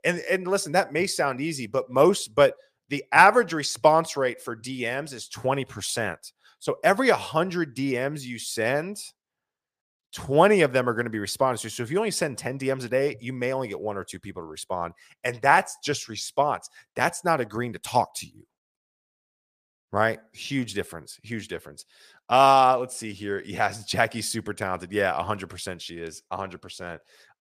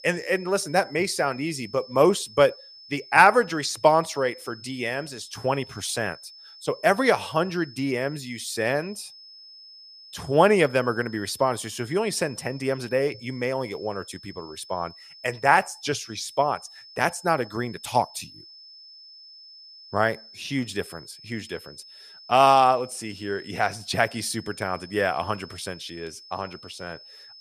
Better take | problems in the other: first | high-pitched whine; noticeable; throughout; 5 kHz, 20 dB below the speech

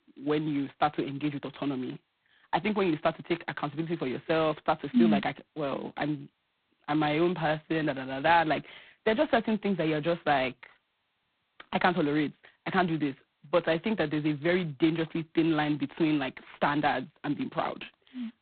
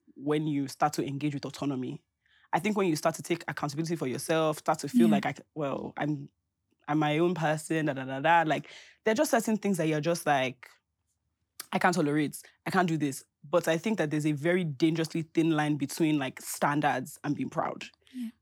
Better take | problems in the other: second | phone-call audio; poor line; nothing above 4 kHz

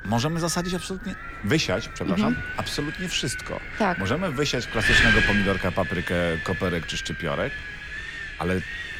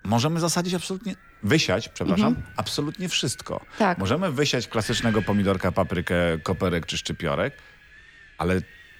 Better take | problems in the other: second | wind noise on the microphone; heavy; 1 dB above the speech; occasional gusts in the second

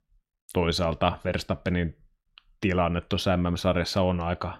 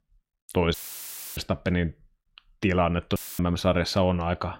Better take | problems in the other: first | audio cutting out; filled with static; at 0.5 s for 0.5 s and at 3 s

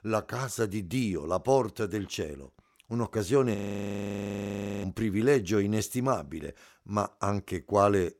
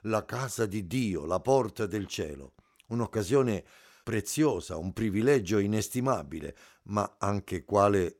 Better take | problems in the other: second | audio freezing; at 3.5 s for 1.5 s

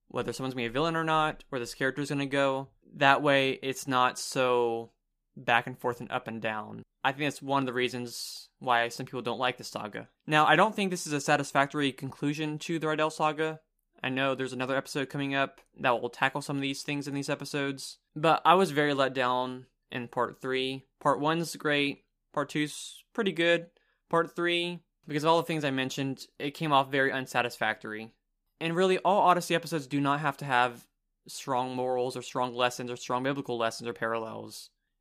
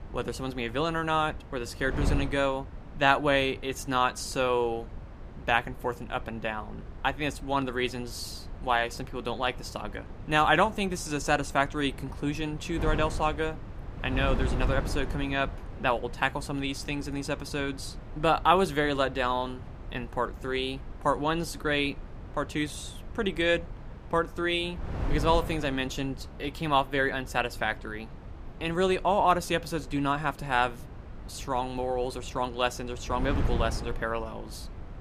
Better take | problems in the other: first | wind noise on the microphone; occasional gusts; 20 dB below the speech

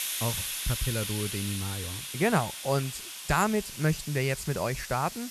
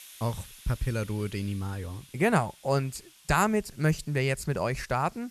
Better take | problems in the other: second | hiss; loud; throughout; 5 dB below the speech; faint in the second

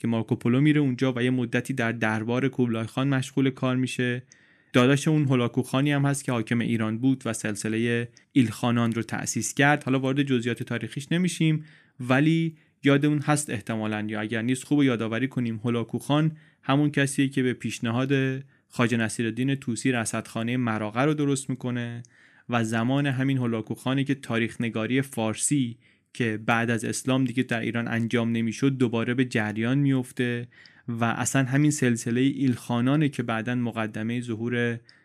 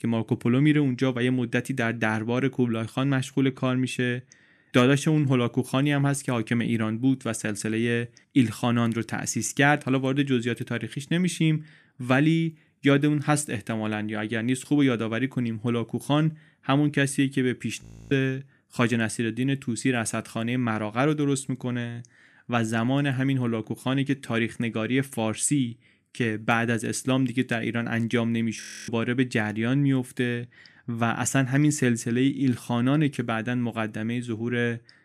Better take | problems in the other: first | audio freezing; at 18 s and at 29 s

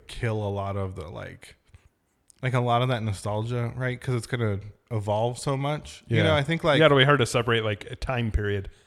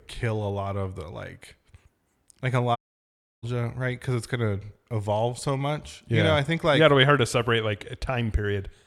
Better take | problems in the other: first | audio cutting out; at 3 s for 0.5 s

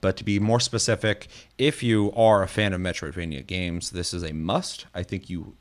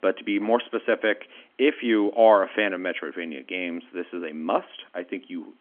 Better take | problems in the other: first | phone-call audio; nothing above 3.5 kHz

